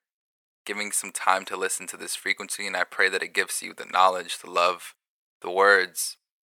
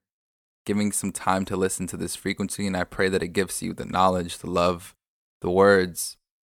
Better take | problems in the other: second | thin; very; fading below 600 Hz

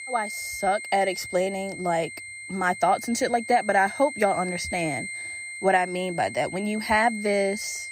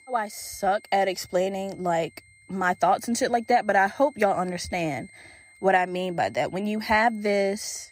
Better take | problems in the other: second | high-pitched whine; loud; throughout; 2 kHz, 9 dB below the speech; faint in the second

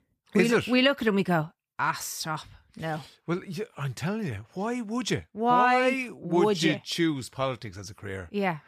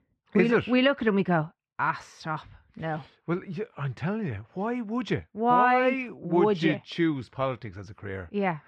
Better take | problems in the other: first | muffled; slightly; fading above 2.5 kHz

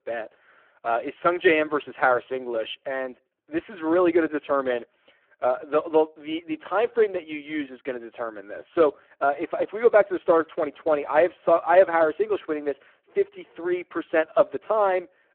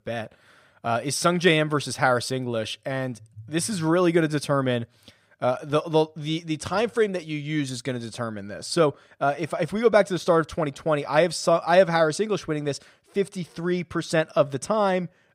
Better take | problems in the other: second | phone-call audio; poor line

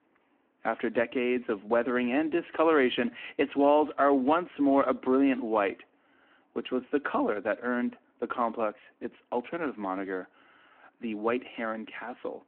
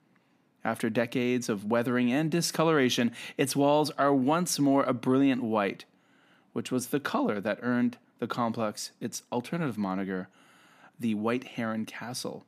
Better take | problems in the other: second | phone-call audio

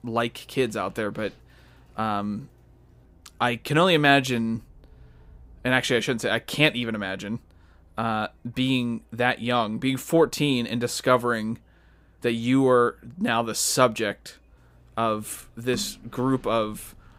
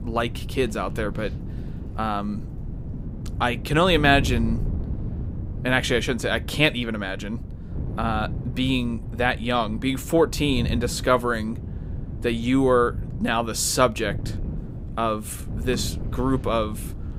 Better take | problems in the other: first | wind noise on the microphone; occasional gusts; 20 dB below the speech

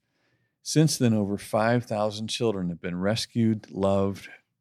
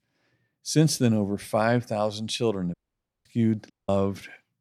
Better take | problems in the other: first | audio cutting out; at 2.5 s for 0.5 s and at 3.5 s

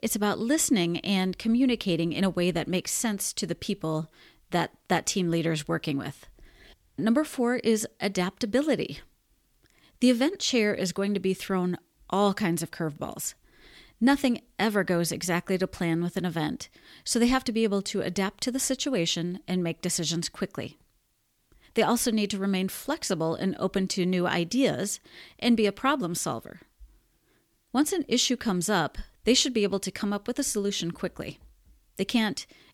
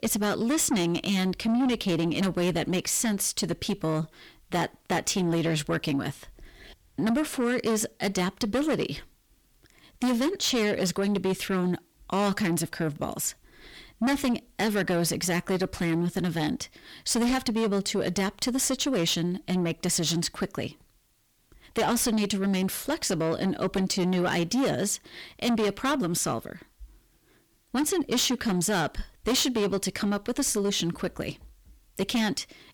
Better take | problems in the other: first | distortion; heavy; 8 dB below the speech

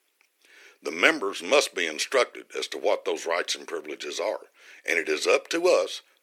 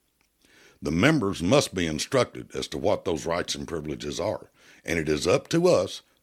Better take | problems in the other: second | thin; very; fading below 400 Hz

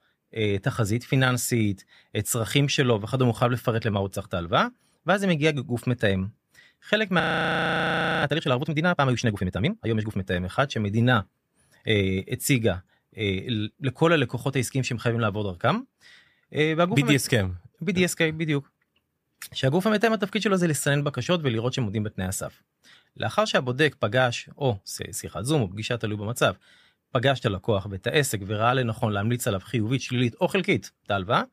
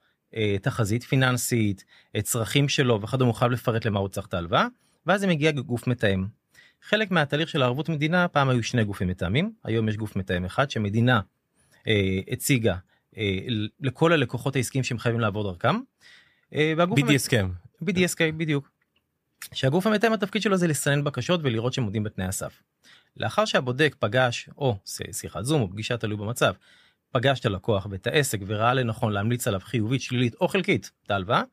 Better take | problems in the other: second | audio freezing; at 7 s for 1 s

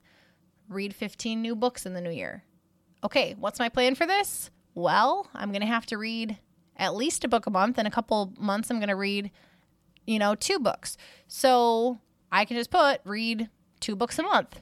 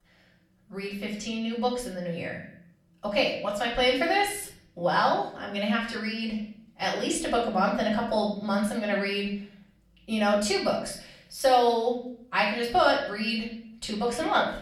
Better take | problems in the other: first | room echo; noticeable; dies away in 0.6 s // off-mic speech; far

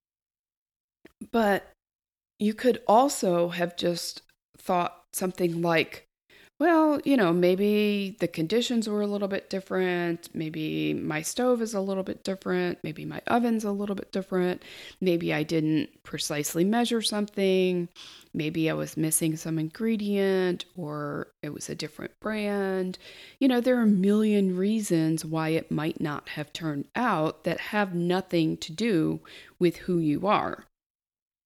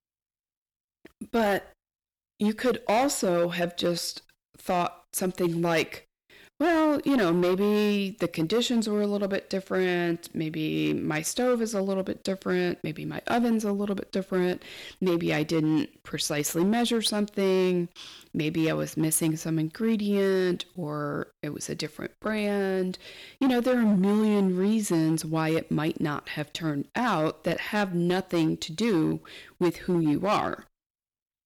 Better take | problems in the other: first | distortion; slight; 7% of the sound clipped

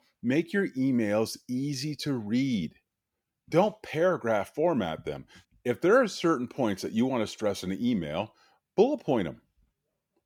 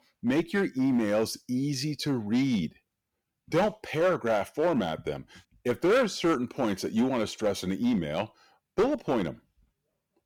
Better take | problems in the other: first | distortion; slight; 5% of the sound clipped

